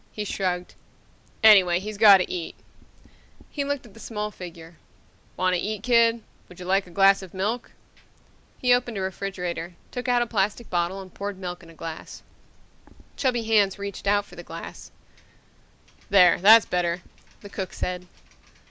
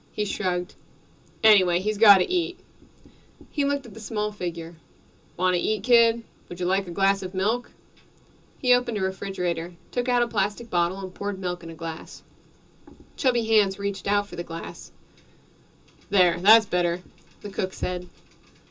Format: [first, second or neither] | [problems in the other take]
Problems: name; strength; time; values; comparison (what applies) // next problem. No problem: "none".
first | room echo; dies away in 0.2 s